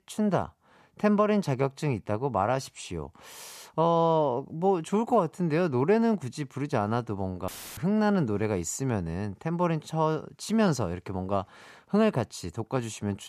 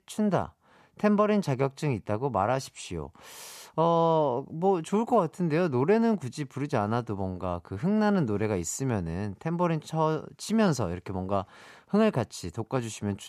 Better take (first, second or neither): second